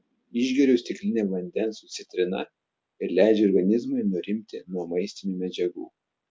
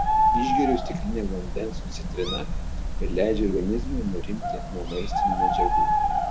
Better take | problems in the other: first | background sound (Bird); 5 dB above the speech

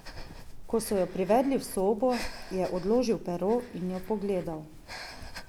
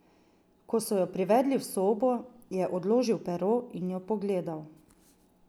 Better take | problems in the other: second | background sound (Breathing); 13 dB below the speech

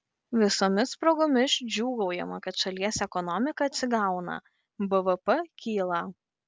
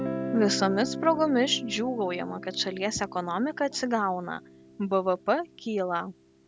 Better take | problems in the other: first | background sound (Guitar); 10 dB below the speech

